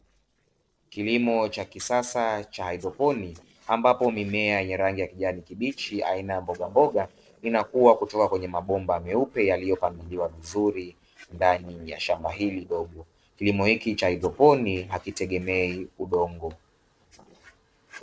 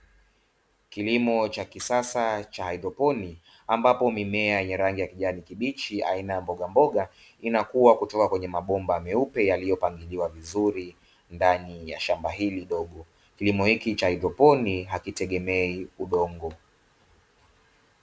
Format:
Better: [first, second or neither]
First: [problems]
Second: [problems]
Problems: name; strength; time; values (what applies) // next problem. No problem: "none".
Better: second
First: noise reduction (neural separator model SepFormer DNS4)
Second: none